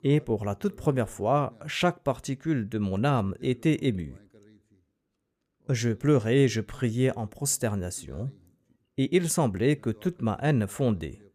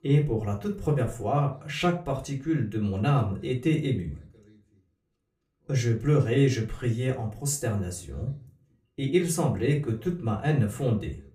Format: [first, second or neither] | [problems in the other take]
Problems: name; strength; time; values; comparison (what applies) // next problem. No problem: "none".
first | off-mic speech; far // room echo; very slight; dies away in 0.3 s